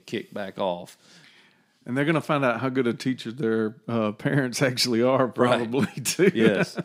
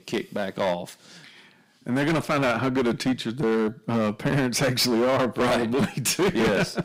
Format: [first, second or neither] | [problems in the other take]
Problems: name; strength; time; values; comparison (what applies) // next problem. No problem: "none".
first | distortion; heavy; 16% of the sound clipped